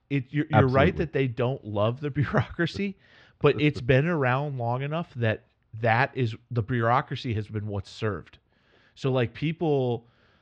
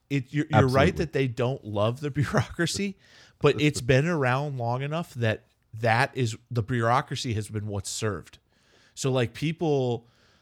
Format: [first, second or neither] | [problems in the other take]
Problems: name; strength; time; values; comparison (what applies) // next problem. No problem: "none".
second | muffled; slightly; fading above 3.5 kHz